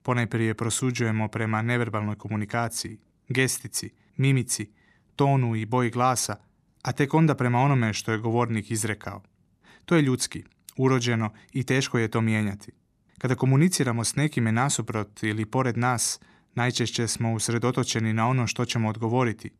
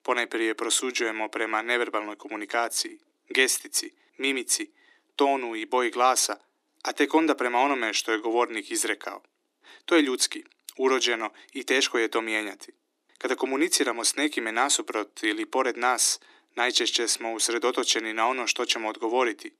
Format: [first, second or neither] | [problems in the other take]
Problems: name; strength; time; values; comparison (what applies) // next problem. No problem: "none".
first | thin; somewhat; fading below 300 Hz